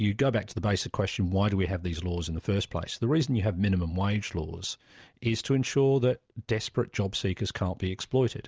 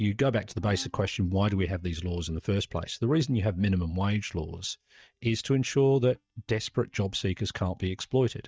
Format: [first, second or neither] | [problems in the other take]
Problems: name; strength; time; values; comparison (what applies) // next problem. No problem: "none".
first | noise reduction (neural mask model DeepFilterNet 3)